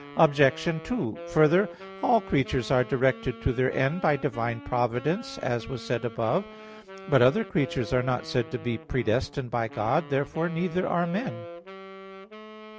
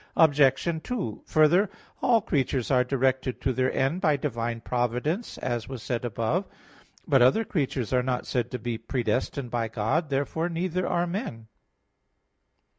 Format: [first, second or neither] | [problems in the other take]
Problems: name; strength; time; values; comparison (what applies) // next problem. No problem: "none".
second | background sound (Wind instrument, woodwind instrument); 16 dB below the speech